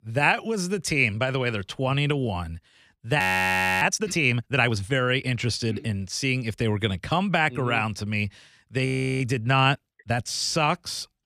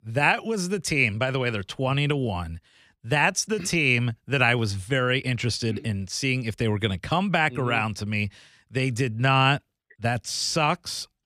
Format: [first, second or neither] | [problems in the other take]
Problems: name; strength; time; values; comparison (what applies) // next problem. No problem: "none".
second | audio freezing; at 3 s for 0.5 s and at 9 s